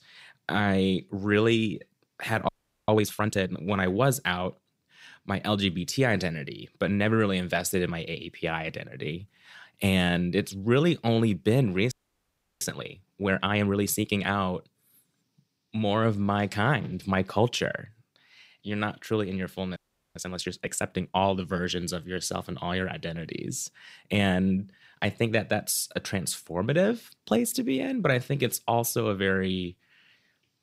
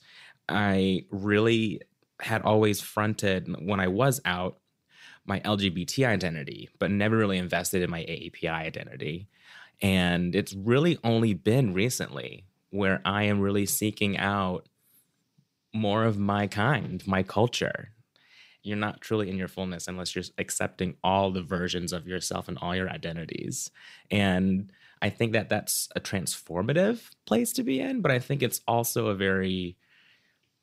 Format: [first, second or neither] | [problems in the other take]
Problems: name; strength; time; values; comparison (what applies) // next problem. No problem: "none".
second | audio freezing; at 2.5 s, at 12 s for 0.5 s and at 20 s